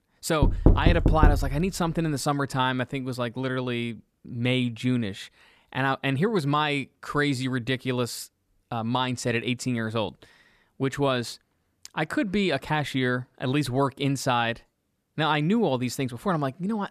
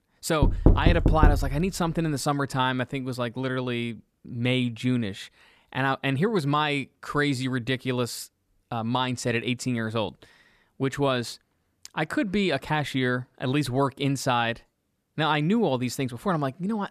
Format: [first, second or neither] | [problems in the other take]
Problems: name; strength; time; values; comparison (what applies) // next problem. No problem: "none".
neither | door banging; loud; until 1.5 s; peak 5 dB above the speech; the same in both